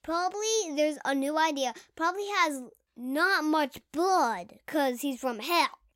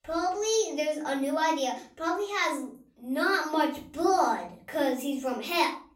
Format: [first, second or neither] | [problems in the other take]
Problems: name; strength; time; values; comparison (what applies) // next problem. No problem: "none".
first | off-mic speech; far // room echo; slight; dies away in 0.5 s